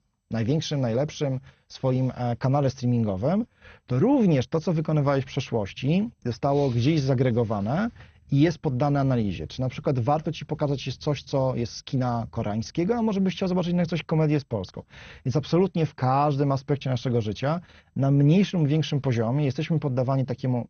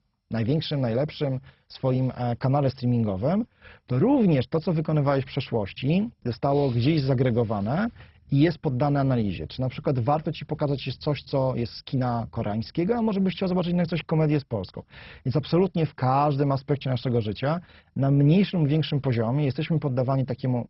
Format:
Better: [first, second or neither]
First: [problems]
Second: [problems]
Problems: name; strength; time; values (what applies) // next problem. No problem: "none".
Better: first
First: garbled, watery; slightly; nothing above 6.5 kHz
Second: garbled, watery; badly; nothing above 5.5 kHz